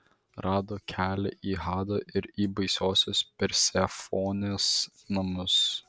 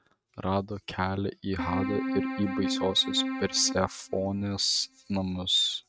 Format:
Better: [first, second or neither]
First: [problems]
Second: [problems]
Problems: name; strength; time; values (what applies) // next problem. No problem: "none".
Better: first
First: none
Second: noise reduction (neural mask model RNNoise)